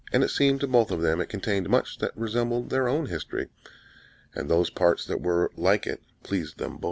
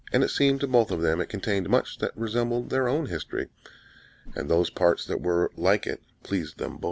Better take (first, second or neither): first